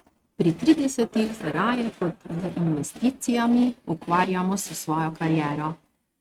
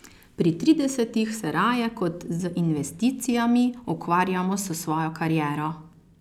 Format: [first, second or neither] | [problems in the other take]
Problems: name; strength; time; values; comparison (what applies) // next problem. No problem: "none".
second | noise reduction (neural mask model RNNoise)